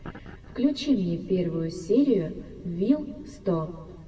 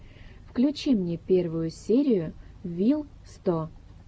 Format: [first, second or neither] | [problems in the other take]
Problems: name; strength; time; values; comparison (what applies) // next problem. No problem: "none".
second | room echo; dies away in 1.3 s